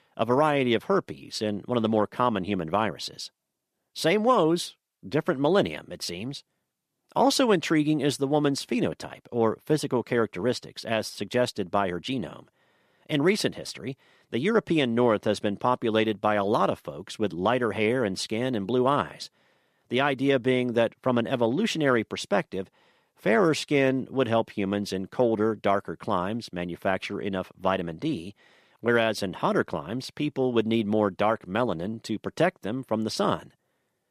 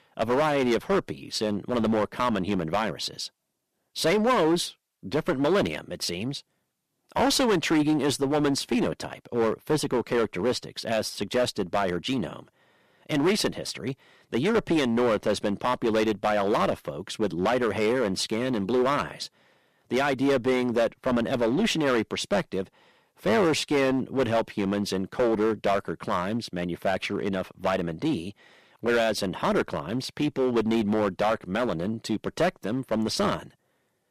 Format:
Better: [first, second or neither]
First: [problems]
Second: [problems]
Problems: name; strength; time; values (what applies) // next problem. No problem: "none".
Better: first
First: none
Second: distortion; heavy; 8% of the sound clipped